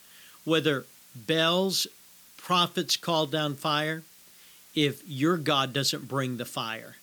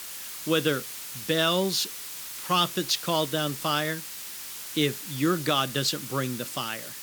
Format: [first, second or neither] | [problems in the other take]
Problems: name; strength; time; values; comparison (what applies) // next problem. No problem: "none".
first | hiss; loud; throughout; 9 dB below the speech; faint in the first